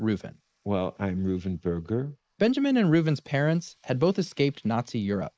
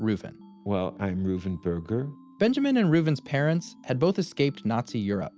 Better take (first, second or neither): second